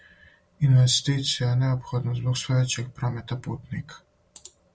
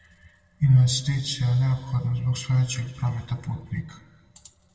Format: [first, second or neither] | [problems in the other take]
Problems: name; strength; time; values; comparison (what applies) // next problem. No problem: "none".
first | room echo; dies away in 1.9 s